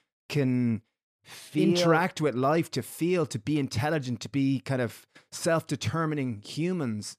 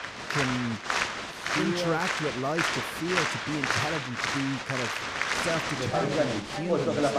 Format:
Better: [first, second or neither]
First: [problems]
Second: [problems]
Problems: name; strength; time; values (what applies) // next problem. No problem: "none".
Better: first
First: none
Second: crowd noise; very loud; throughout; 4 dB above the speech